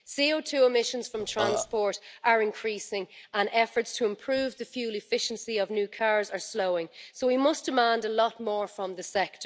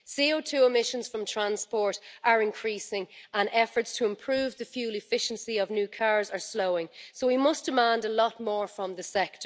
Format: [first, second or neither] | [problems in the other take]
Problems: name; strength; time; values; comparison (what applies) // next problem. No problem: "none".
second | background sound (Burping, eructation); 4 dB below the speech